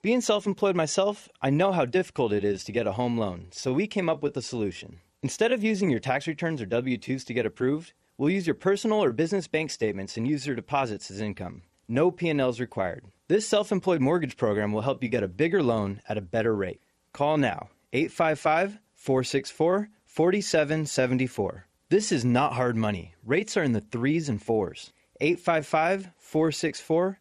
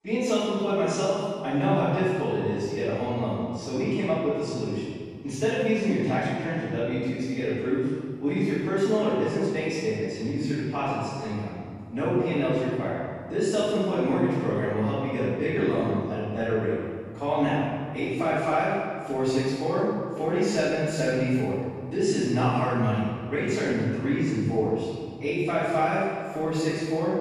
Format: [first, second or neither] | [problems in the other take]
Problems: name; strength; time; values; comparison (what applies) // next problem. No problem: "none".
first | off-mic speech; far // room echo; strong; dies away in 1.8 s